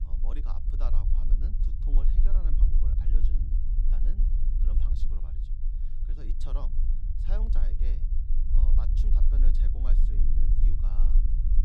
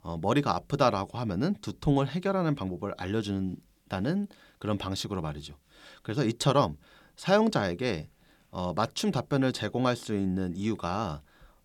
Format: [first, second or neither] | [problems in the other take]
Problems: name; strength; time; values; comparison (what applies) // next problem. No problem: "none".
second | low rumble; loud; throughout; as loud as the speech